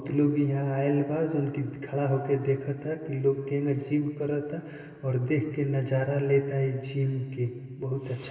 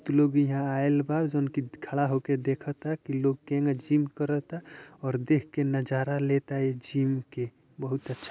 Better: second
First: room echo; dies away in 2.3 s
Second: none

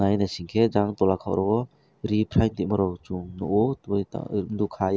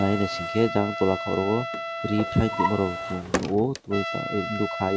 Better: first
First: none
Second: background sound (Drawer open or close + Trumpet); 5 dB below the speech

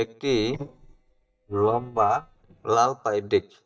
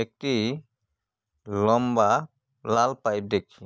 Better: second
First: noise reduction (neural mask model DeepFilterNet 3)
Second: none

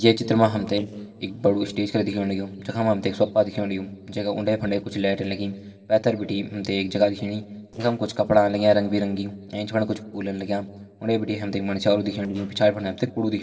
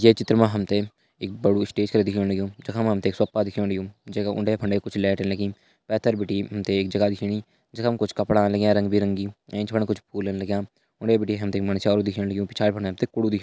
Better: second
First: noise reduction (neural separator model SepFormer DNS4)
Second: none

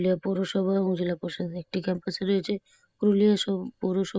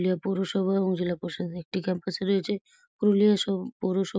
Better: second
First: noise reduction (neural mask model Resemble Enhance denoiser)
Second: none

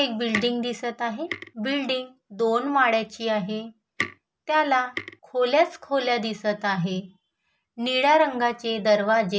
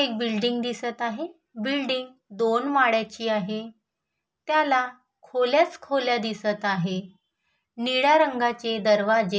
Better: second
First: background sound (Tick); 13 dB below the speech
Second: none

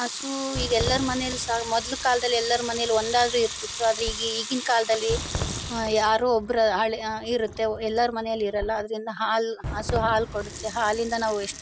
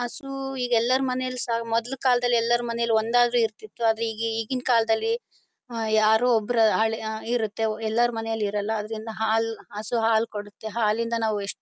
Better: second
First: background sound (Fireworks + Sink (filling or washing) / Water tap, faucet / Liquid); 9 dB below the speech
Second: none

